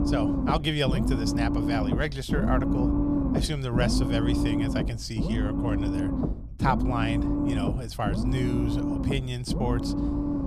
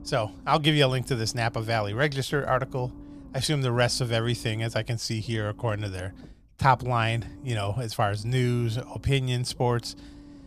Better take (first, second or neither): second